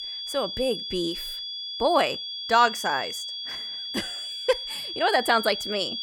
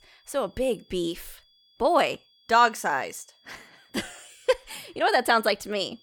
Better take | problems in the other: second | high-pitched whine; loud; throughout; 3.5 kHz, 6 dB below the speech; faint in the second

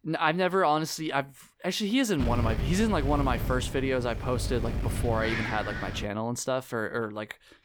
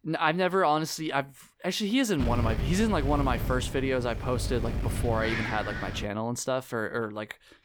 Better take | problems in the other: neither | wind noise on the microphone; heavy; from 2 to 6 s; 9 dB below the speech; the same in both

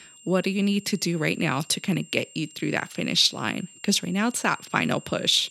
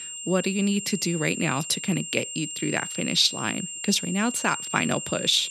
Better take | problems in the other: first | high-pitched whine; loud; throughout; 7.5 kHz, 7 dB below the speech; faint in the first

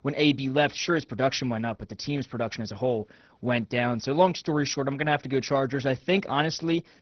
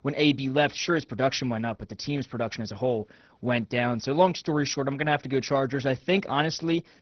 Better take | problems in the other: neither | garbled, watery; badly; nothing above 6 kHz; the same in both

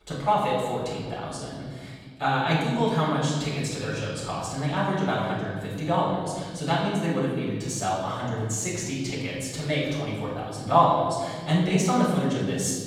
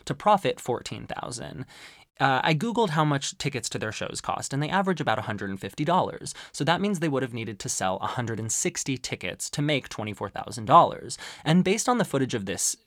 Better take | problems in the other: second | room echo; strong; dies away in 1.8 s // off-mic speech; far

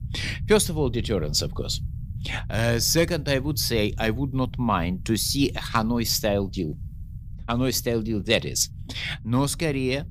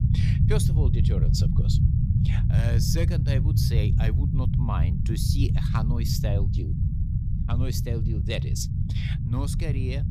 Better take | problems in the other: first | low rumble; loud; throughout; 1 dB below the speech; faint in the first

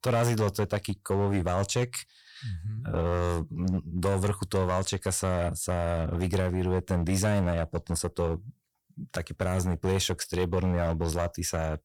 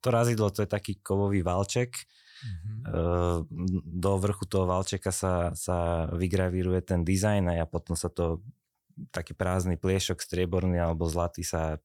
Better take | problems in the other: second | distortion; slight; 7% of the sound clipped

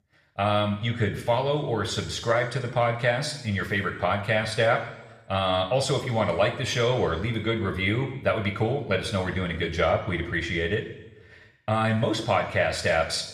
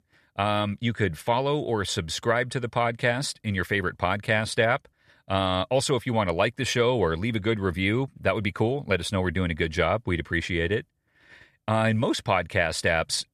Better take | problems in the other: second | room echo; slight; dies away in 0.9 s

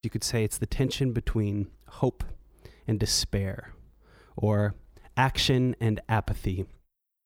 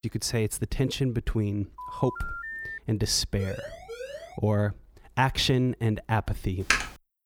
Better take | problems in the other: first | phone ringing; noticeable; at 2 s; peak 7 dB below the speech // siren; faint; at 3.5 s; peak 10 dB below the speech // keyboard typing; loud; at 6.5 s; peak 2 dB above the speech

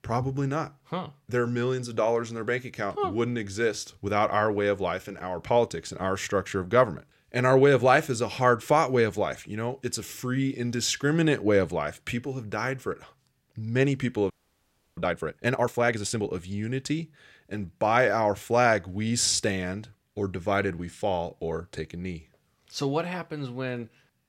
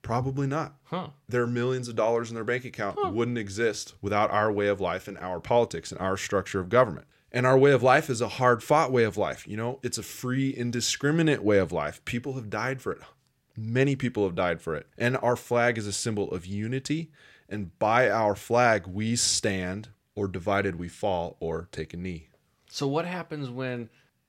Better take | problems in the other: second | audio freezing; at 14 s for 0.5 s

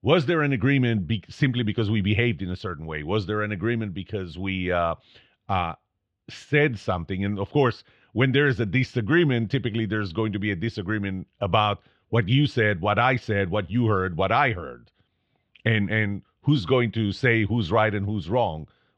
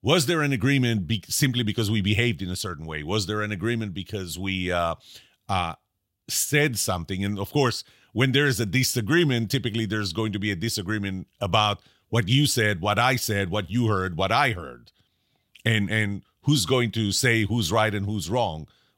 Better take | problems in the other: second | muffled; very; fading above 2.5 kHz

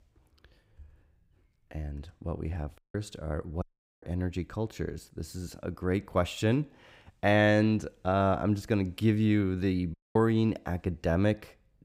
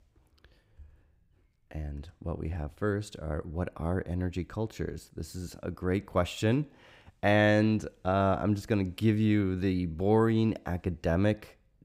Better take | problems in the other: second | audio cutting out; at 3 s, at 3.5 s and at 10 s

